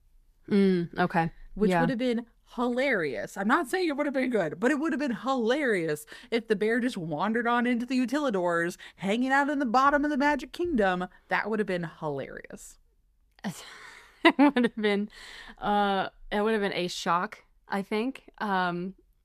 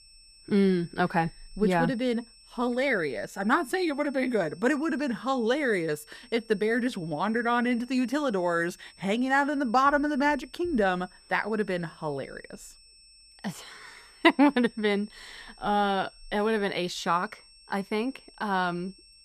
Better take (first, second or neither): first